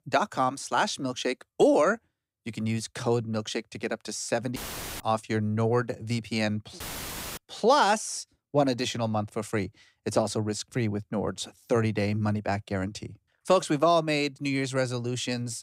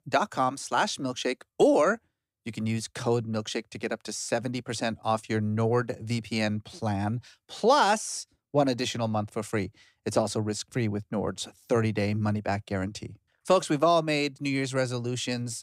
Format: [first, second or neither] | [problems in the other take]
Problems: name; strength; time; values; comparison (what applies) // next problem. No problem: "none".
second | audio cutting out; filled with static; at 4.5 s and at 7 s for 0.5 s